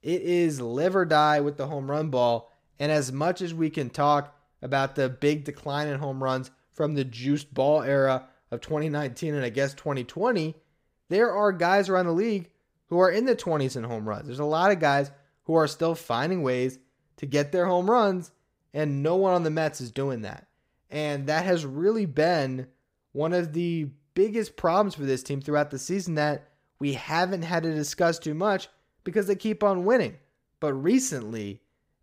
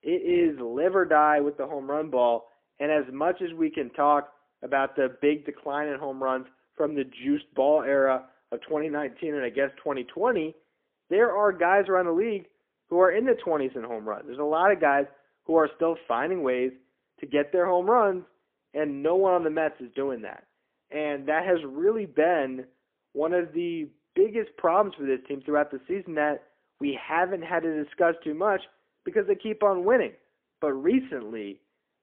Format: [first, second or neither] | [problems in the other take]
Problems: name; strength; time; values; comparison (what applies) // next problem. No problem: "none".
first | phone-call audio; poor line; nothing above 3.5 kHz